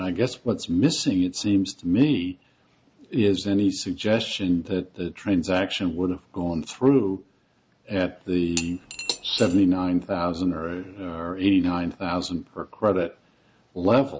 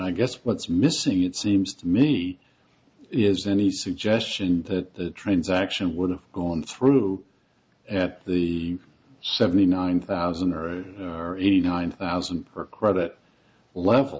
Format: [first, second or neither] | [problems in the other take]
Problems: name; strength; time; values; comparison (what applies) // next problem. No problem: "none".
second | background sound (Cutlery, silverware / Dishes, pots, and pans); 10 dB below the speech